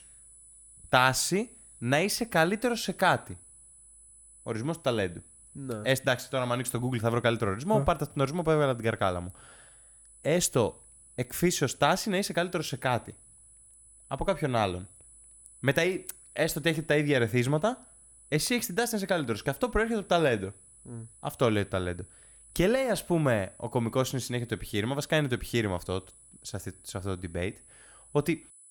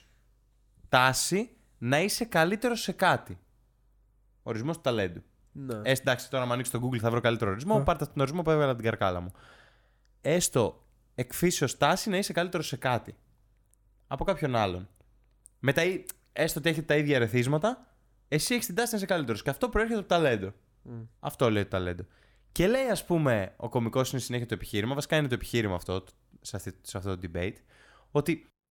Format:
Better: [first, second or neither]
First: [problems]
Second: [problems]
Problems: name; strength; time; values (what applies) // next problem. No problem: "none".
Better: second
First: high-pitched whine; faint; throughout; 10 kHz, 25 dB below the speech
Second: none